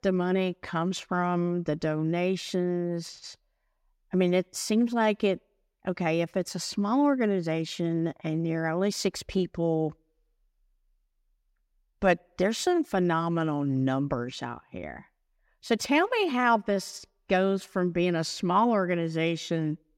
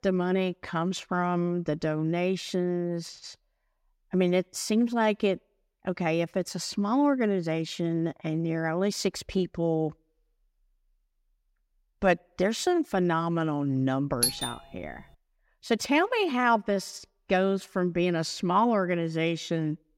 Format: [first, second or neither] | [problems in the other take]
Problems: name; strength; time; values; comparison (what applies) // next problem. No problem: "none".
first | doorbell; loud; at 14 s; peak 1 dB above the speech